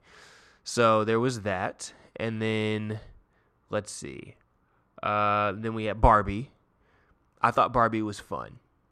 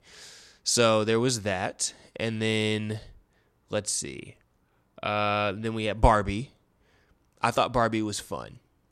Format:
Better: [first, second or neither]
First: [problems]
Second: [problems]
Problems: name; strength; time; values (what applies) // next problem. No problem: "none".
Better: second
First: muffled; slightly; fading above 3 kHz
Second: none